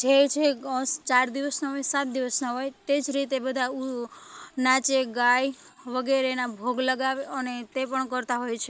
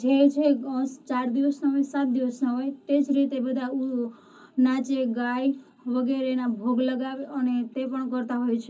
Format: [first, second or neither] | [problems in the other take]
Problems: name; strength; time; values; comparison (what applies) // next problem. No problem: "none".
first | room echo; dies away in 0.4 s